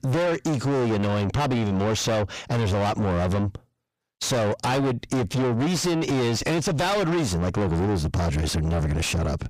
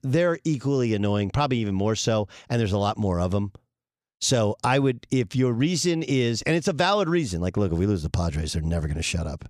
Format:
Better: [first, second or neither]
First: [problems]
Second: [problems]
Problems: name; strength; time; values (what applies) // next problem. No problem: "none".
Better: second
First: distortion; heavy; 5 dB below the speech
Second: none